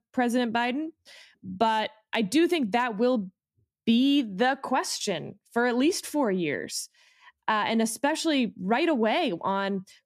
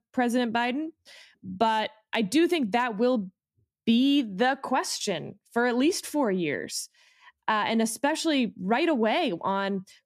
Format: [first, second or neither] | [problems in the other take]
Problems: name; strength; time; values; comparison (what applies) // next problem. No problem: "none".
neither | none